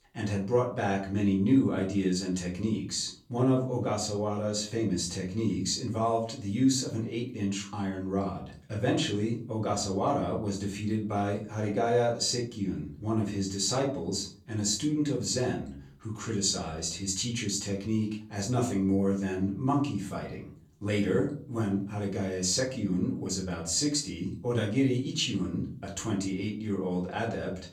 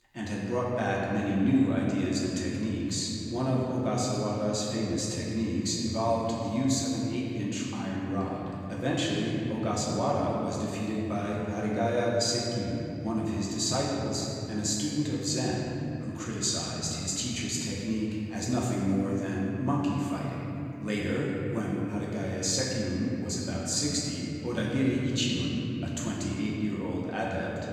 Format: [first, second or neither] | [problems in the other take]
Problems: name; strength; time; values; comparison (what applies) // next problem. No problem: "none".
first | room echo; strong; dies away in 3 s; slight in the first // off-mic speech; far; far in the first